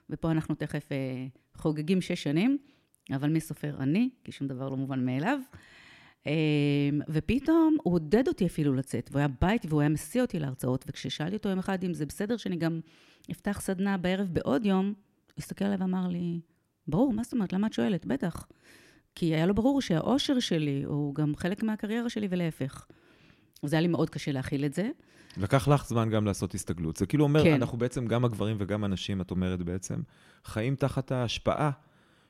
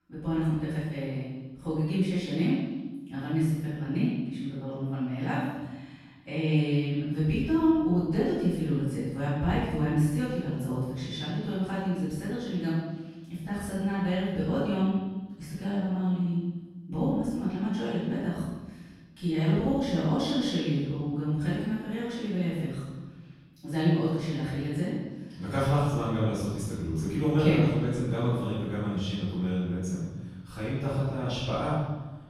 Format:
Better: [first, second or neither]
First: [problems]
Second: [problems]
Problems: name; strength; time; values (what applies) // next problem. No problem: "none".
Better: first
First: none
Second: off-mic speech; far // room echo; strong; dies away in 1.2 s